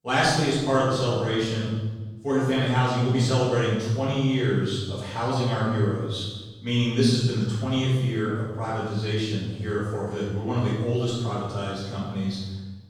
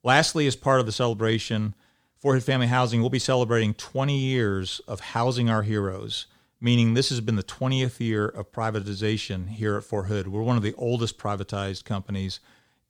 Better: second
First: off-mic speech; far // room echo; strong; dies away in 1.1 s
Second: none

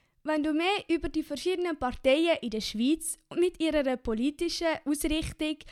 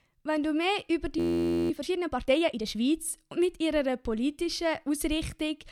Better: first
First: none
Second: audio freezing; at 1 s for 0.5 s

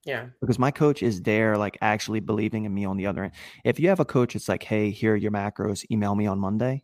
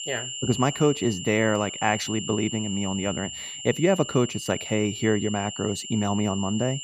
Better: first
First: none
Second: high-pitched whine; loud; throughout; 3 kHz, 8 dB below the speech

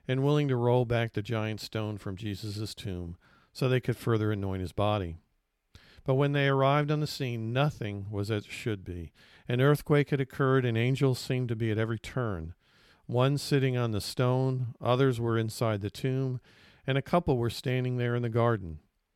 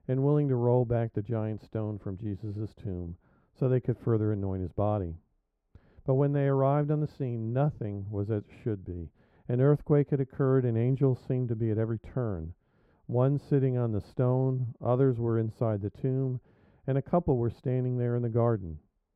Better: first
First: none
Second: muffled; very; fading above 1.5 kHz

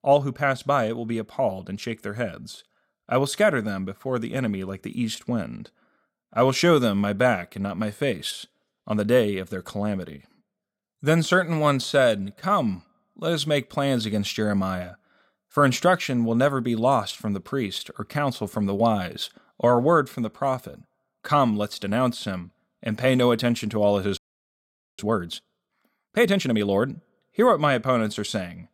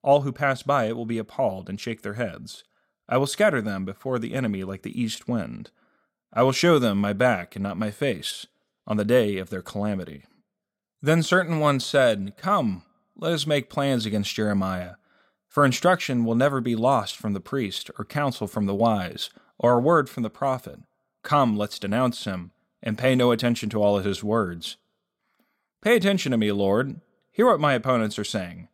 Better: second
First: audio freezing; at 24 s for 1 s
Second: none

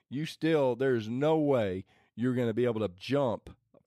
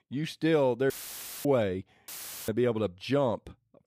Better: first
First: none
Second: audio cutting out; filled with static; at 1 s for 0.5 s and at 2 s

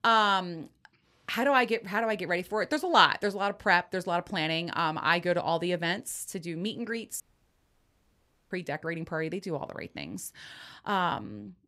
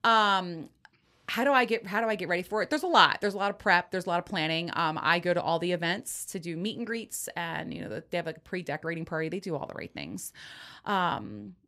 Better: second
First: audio cutting out; at 7 s for 1.5 s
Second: none

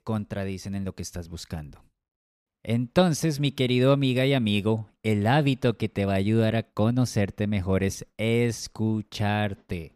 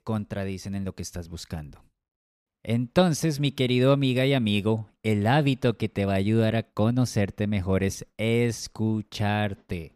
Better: neither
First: none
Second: none

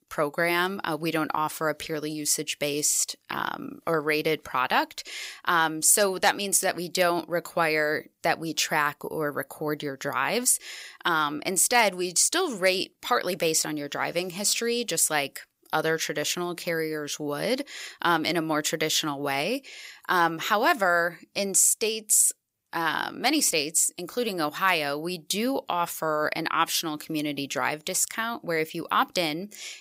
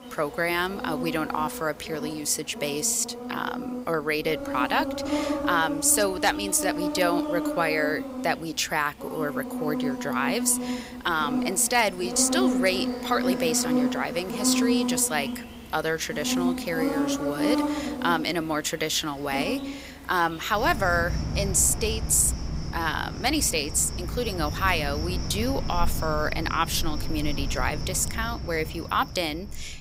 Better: first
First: none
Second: animal sounds; loud; throughout; 5 dB below the speech

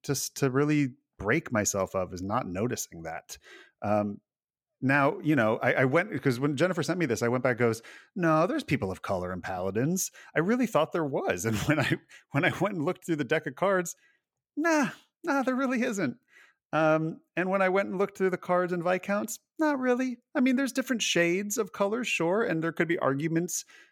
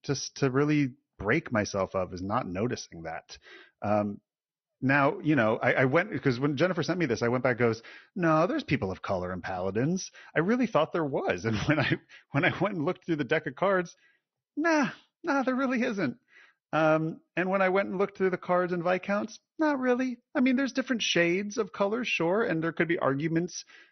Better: first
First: none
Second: garbled, watery; slightly; nothing above 6 kHz

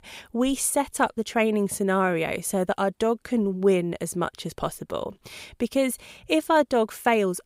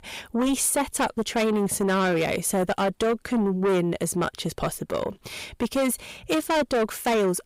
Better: first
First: none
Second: distortion; heavy; 8 dB below the speech

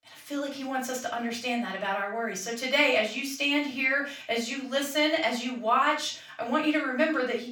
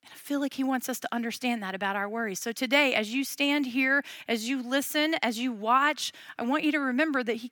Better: second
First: room echo; noticeable; dies away in 0.3 s // off-mic speech; far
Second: none

